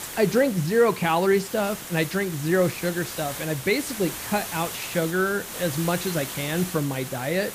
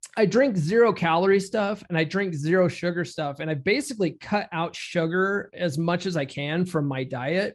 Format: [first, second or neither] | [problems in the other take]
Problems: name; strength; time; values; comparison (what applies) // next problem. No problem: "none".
second | hiss; loud; throughout; 9 dB below the speech